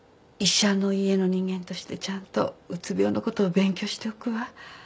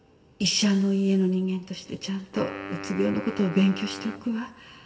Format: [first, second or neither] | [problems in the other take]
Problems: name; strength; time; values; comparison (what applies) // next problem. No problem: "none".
first | background sound (Wind instrument, woodwind instrument); 13 dB below the speech // room echo; dies away in 1.9 s